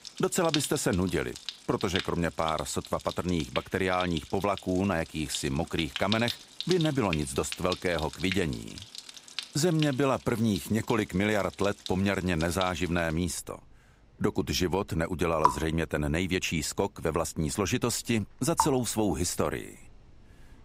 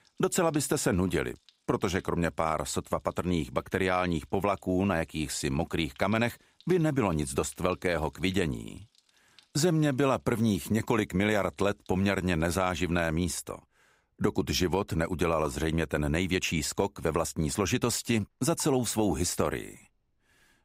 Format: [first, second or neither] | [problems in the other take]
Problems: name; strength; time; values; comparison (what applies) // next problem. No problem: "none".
second | rain or running water; loud; throughout; 8 dB below the speech; faint in the second